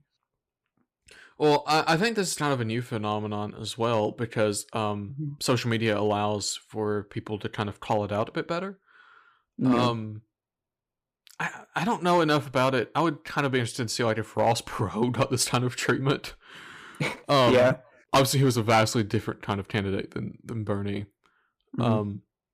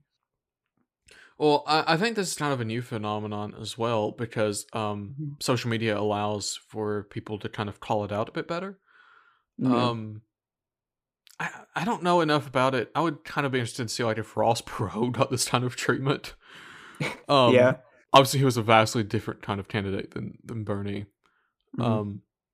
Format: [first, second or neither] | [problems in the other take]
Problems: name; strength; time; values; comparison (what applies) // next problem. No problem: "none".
second | distortion; slight; 1.8% of the sound clipped